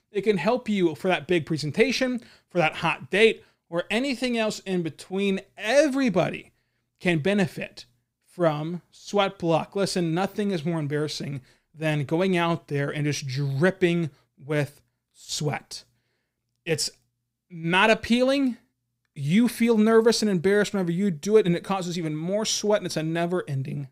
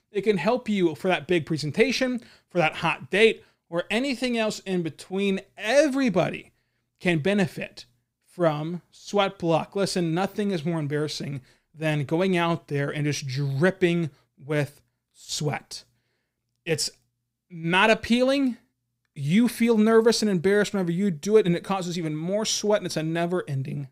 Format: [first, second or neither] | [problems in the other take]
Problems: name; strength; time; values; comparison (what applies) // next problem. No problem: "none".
neither | none